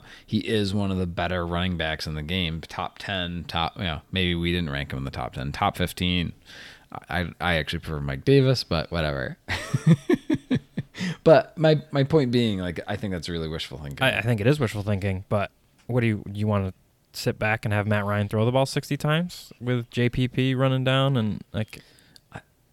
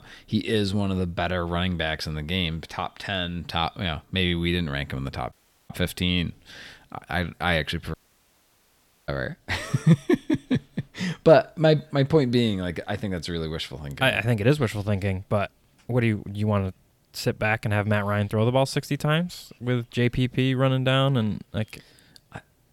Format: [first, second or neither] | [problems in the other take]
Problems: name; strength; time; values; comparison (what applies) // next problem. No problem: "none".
first | audio cutting out; at 5.5 s and at 8 s for 1 s